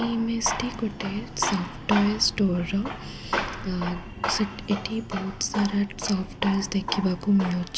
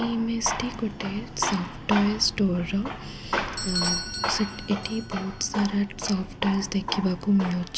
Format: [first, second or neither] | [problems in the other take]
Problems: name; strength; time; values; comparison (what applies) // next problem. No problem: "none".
first | background sound (Bell / Doorbell); 13 dB below the speech